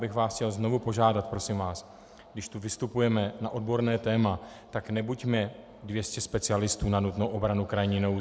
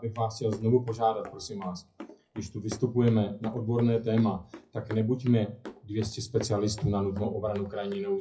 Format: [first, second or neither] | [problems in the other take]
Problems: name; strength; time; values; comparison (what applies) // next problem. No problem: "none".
first | noise reduction (classical method WPE with log-MMSE)